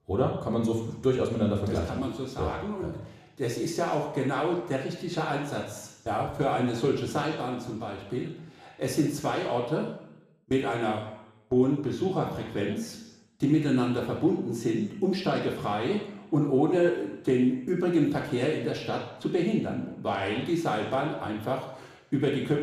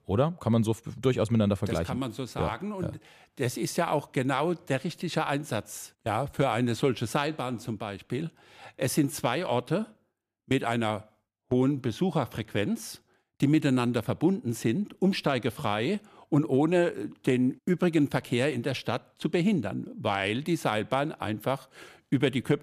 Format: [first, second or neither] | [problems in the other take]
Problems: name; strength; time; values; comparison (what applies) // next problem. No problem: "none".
second | room echo; noticeable; dies away in 0.8 s // off-mic speech; somewhat distant